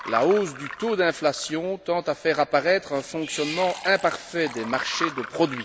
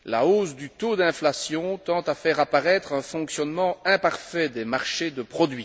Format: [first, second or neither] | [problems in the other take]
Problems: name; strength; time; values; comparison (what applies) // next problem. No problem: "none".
second | background sound (Liquid + Cat); 11 dB below the speech